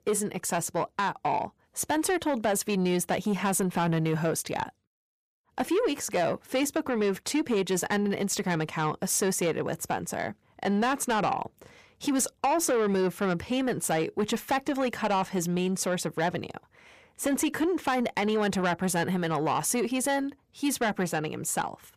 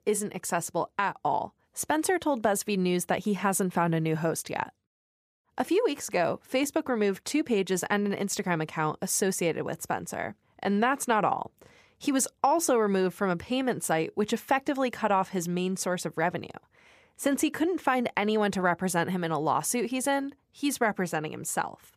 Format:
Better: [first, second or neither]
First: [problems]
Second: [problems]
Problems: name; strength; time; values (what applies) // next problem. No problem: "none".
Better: second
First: distortion; slight; 10 dB below the speech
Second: none